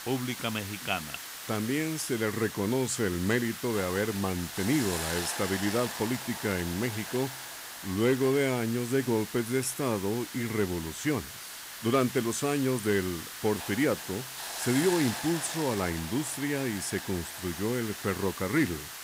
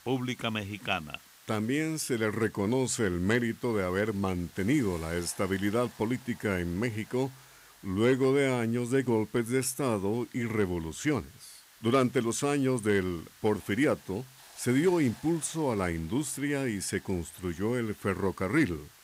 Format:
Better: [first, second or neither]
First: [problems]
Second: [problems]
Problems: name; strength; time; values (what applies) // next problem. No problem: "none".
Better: second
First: hiss; loud; throughout; 7 dB below the speech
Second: hiss; faint; throughout; 20 dB below the speech